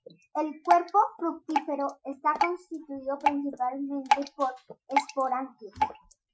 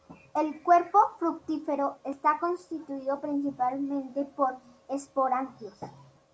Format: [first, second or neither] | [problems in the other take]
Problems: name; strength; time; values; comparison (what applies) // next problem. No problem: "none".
second | noise reduction (classical method Wiener filter)